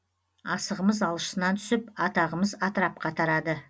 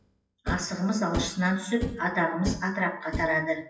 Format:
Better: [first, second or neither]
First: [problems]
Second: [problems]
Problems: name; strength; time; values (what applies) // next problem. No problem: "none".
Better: first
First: none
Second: noise reduction (classical method WPE with log-MMSE)